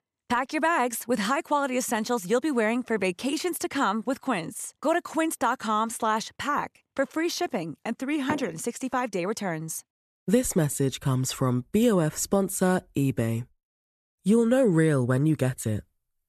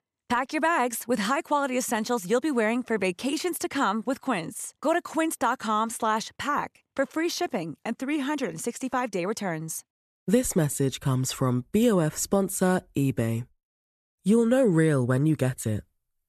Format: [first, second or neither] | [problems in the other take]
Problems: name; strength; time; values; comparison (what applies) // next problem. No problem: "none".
second | door banging; noticeable; at 8.5 s; peak 8 dB below the speech